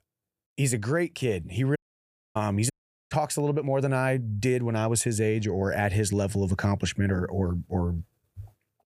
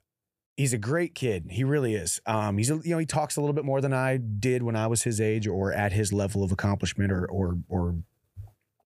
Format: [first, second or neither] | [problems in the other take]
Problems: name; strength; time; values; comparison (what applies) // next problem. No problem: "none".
second | audio cutting out; at 2 s for 0.5 s and at 2.5 s